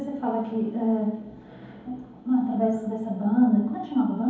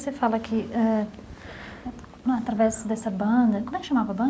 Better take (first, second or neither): second